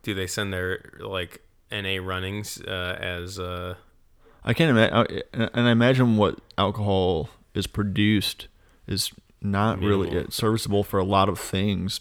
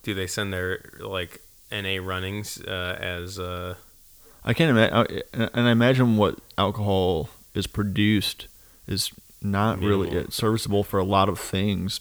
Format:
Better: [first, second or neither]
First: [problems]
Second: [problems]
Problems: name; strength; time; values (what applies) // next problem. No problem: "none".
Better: first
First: none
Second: hiss; faint; throughout; 25 dB below the speech